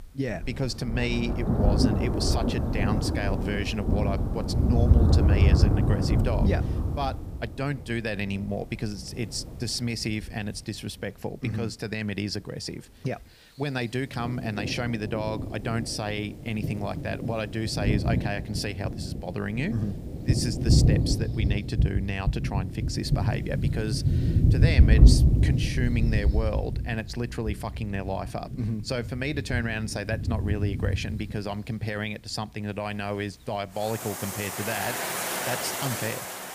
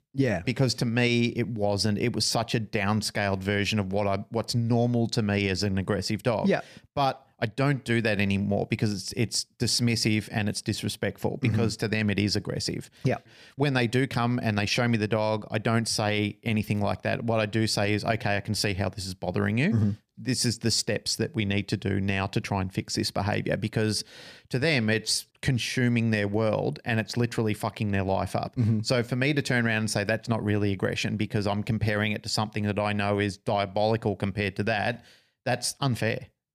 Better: second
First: rain or running water; very loud; throughout; 5 dB above the speech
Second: none

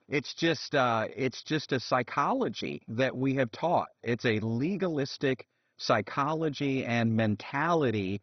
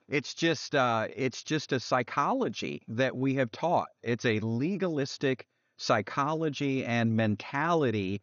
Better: second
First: garbled, watery; badly; nothing above 6 kHz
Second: garbled, watery; slightly; nothing above 6.5 kHz

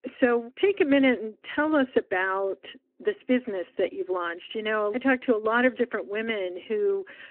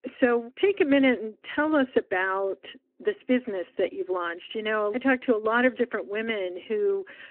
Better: neither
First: phone-call audio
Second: phone-call audio

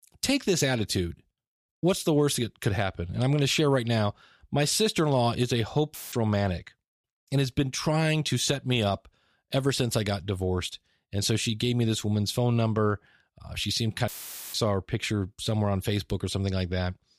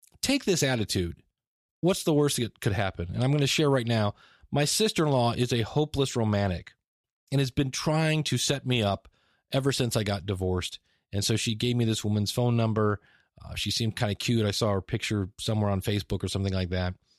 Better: second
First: audio cutting out; filled with static; at 6 s and at 14 s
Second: none

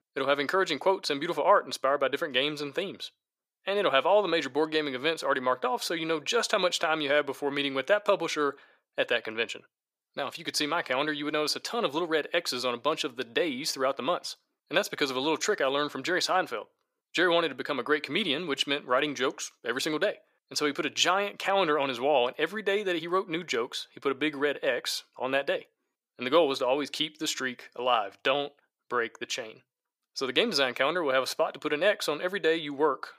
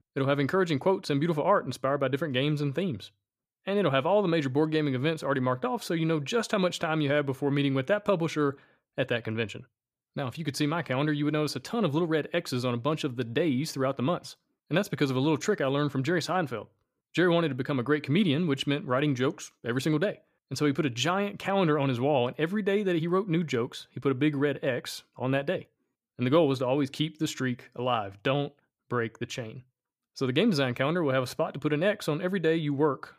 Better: second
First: thin; somewhat; fading below 500 Hz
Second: none

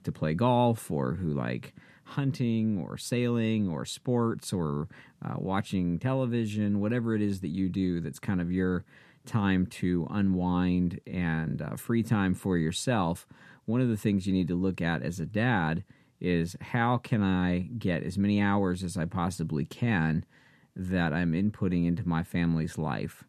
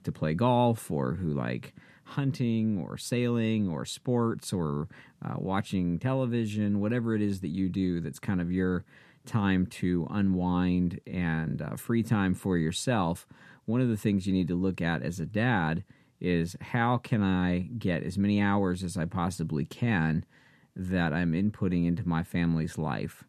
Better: neither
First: none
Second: none

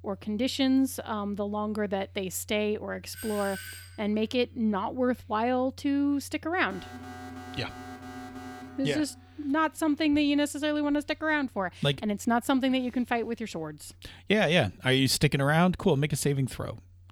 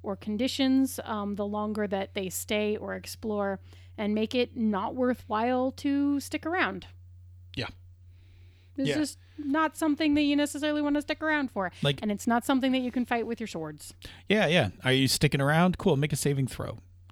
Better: second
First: doorbell; faint; at 3 s; peak 10 dB below the speech // alarm; faint; from 6.5 to 9.5 s; peak 15 dB below the speech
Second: none

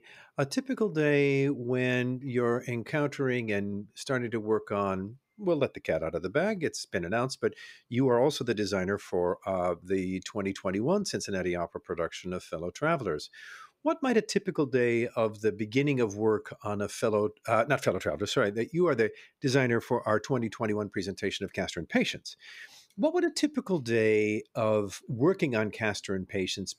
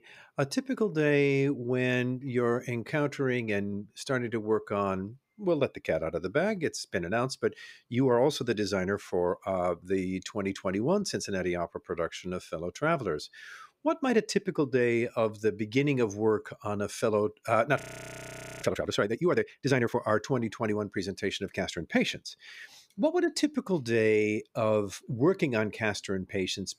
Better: first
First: none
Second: audio freezing; at 18 s for 1 s

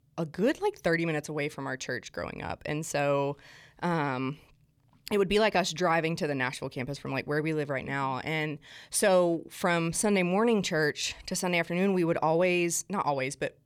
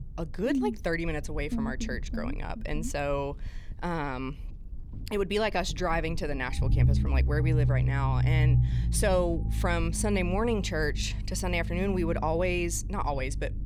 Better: first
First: none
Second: low rumble; noticeable; throughout; 10 dB below the speech

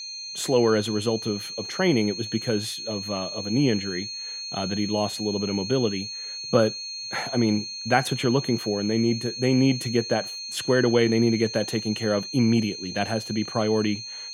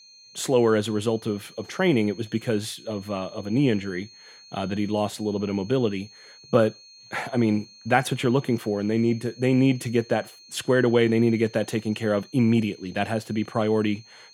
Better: second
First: high-pitched whine; loud; throughout; 4.5 kHz, 7 dB below the speech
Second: high-pitched whine; faint; throughout; 4.5 kHz, 25 dB below the speech

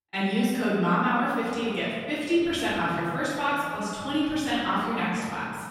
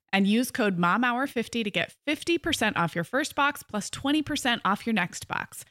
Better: second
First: off-mic speech; far // room echo; strong; dies away in 2 s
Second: none

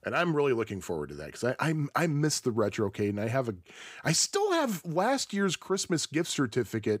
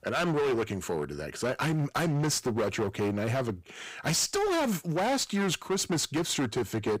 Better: first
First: none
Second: distortion; heavy; 22% of the sound clipped

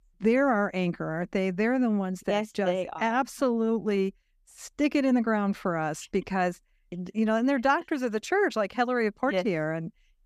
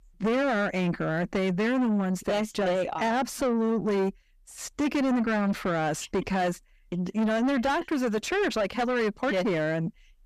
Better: first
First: none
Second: distortion; heavy; 6 dB below the speech

